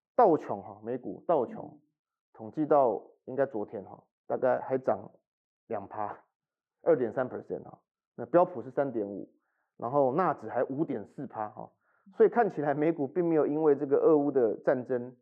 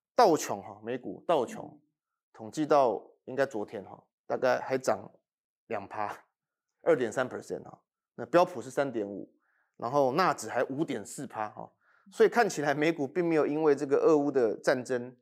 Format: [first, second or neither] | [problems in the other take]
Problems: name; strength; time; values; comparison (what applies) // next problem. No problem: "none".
second | muffled; very; fading above 3 kHz